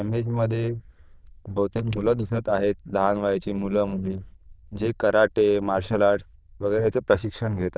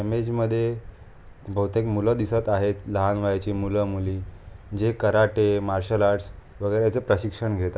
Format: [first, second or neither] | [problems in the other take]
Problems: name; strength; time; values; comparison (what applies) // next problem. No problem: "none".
second | noise reduction (neural diffusion model UNIVERSE++)